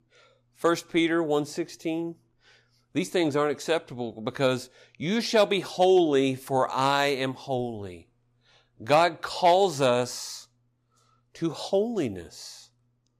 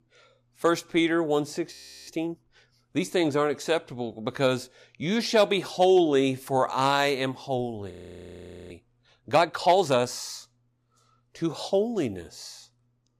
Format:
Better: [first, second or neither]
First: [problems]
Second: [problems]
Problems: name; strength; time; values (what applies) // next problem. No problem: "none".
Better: first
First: none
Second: audio freezing; at 1.5 s and at 8 s for 1 s